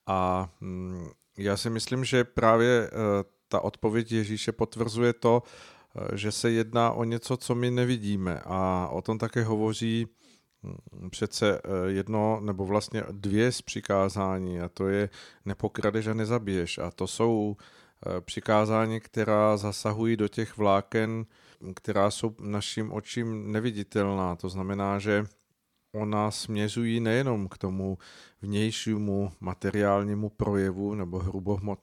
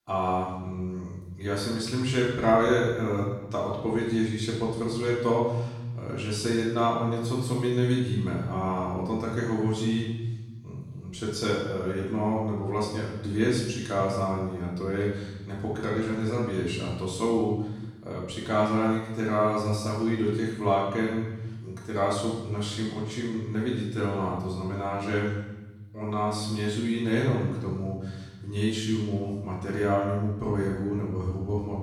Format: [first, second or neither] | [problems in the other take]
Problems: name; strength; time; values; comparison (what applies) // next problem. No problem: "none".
first | off-mic speech; far // room echo; noticeable; dies away in 1.3 s